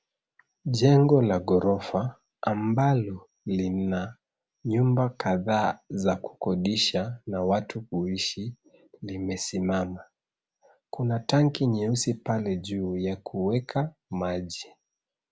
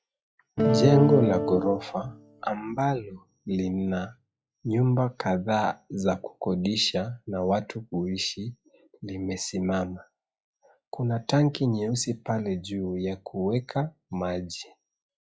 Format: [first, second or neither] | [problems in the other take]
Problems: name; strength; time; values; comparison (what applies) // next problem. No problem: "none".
first | noise reduction (classical method log-MMSE)